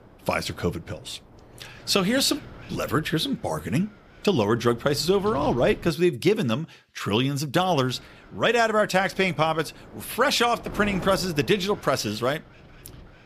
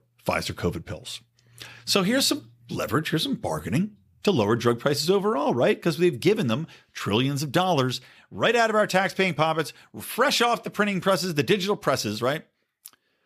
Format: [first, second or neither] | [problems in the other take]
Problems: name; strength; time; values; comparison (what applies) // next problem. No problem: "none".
second | wind noise on the microphone; occasional gusts; until 6 s and from 7.5 s on; 20 dB below the speech